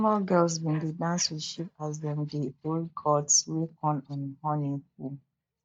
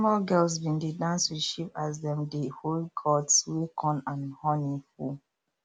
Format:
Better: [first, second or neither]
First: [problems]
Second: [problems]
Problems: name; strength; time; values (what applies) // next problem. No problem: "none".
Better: second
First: noise reduction (neural mask model DeepFilterNet 3)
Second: none